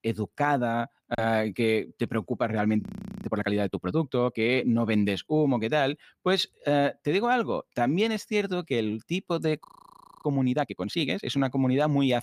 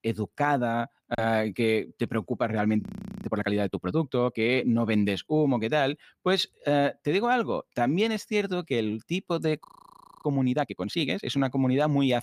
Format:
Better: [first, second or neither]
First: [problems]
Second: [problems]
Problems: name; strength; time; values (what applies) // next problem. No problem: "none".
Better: neither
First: audio freezing; at 3 s and at 9.5 s for 0.5 s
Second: audio freezing; at 3 s and at 9.5 s for 0.5 s